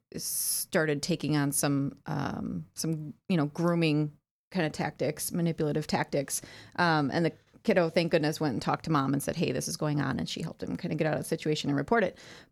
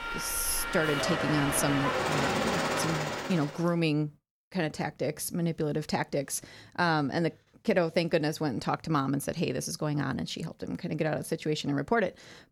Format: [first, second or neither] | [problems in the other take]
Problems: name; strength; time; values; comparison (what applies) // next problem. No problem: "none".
first | train or aircraft noise; loud; until 3 s; as loud as the speech